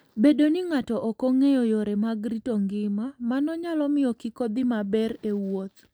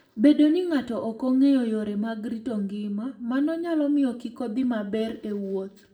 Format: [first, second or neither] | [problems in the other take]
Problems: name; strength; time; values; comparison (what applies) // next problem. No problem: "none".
first | room echo; dies away in 0.5 s